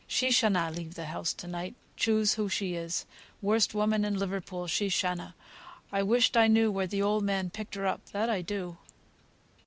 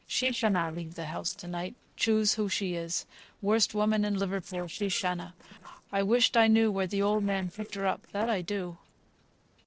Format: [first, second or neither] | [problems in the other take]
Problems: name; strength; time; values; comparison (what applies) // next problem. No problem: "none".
first | noise reduction (neural separator model SepFormer DNS4)